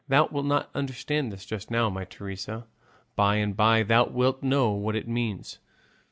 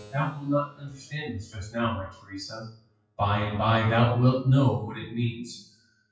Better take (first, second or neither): first